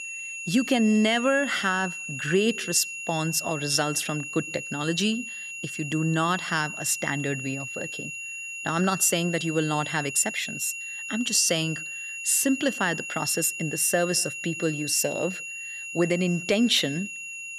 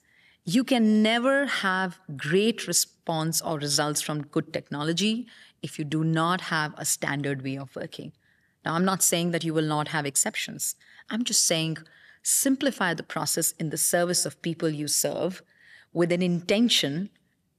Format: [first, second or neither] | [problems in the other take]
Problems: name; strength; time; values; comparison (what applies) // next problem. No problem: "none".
second | high-pitched whine; loud; throughout; 2.5 kHz, 8 dB below the speech